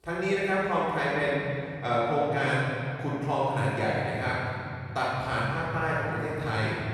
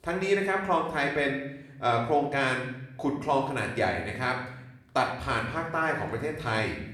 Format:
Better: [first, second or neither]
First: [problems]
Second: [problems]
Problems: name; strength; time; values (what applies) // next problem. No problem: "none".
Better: second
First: room echo; strong; dies away in 3 s // off-mic speech; far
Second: room echo; slight; dies away in 0.7 s // off-mic speech; somewhat distant